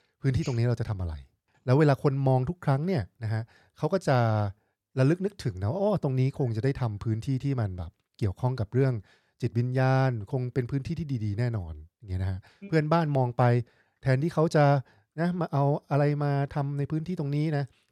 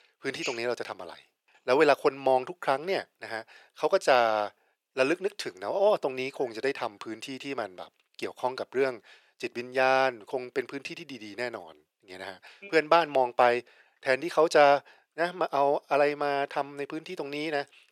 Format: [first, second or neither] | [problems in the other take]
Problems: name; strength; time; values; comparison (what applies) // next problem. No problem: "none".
first | thin; very; fading below 400 Hz